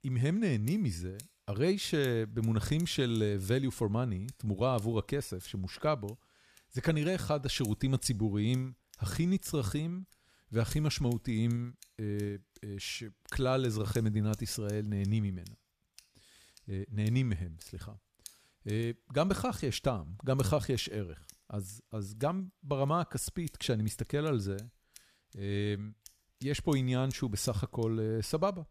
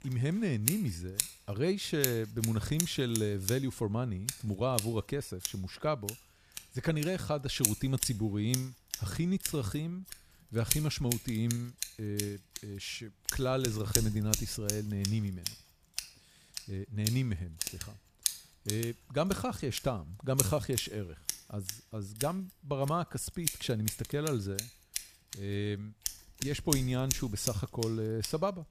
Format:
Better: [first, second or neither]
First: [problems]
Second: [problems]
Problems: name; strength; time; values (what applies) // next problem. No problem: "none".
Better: first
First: household noises; faint; throughout; 20 dB below the speech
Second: household noises; loud; throughout; 3 dB below the speech